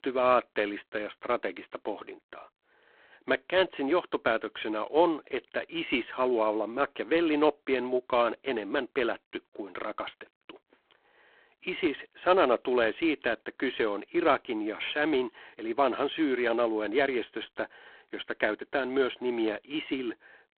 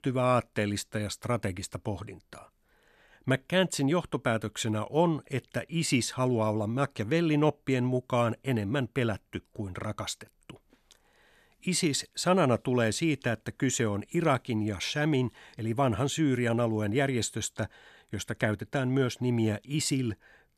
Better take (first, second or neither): second